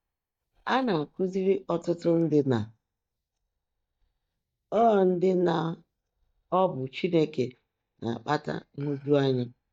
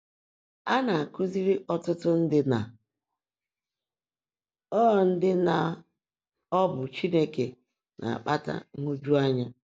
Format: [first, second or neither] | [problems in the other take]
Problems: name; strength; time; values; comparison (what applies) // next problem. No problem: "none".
second | noise reduction (neural mask model DeepFilterNet 3)